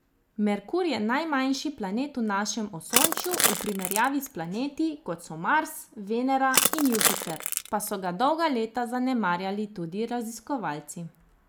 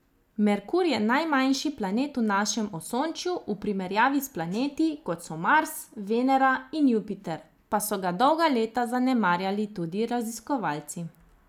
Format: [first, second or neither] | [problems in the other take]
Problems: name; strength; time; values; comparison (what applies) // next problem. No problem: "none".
second | background sound (Crushing); as loud as the speech